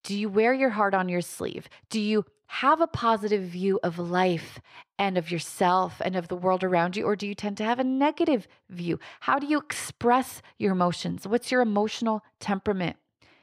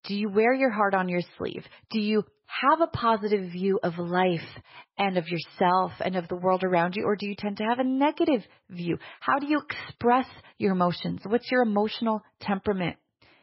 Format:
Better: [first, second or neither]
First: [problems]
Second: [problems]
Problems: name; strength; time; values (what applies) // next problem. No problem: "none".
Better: first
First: none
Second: garbled, watery; badly; nothing above 5.5 kHz